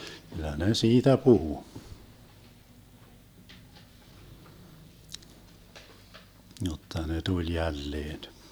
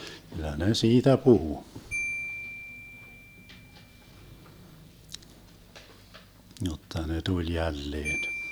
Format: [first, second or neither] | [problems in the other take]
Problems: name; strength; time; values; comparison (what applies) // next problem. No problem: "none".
first | background sound (Marimba, xylophone); 12 dB below the speech